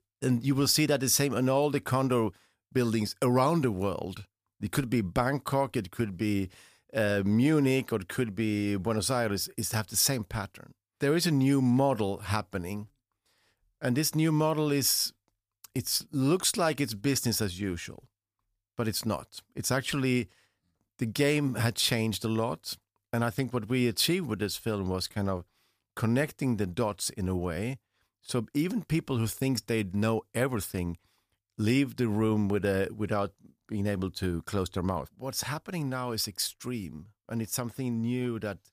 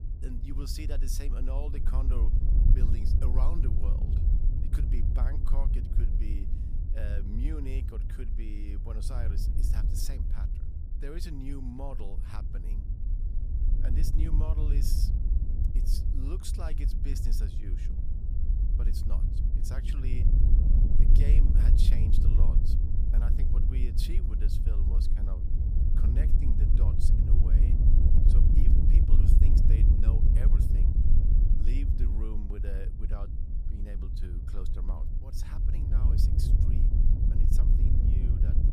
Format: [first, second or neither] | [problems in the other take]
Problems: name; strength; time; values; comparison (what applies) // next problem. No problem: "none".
first | wind noise on the microphone; heavy; 1 dB above the speech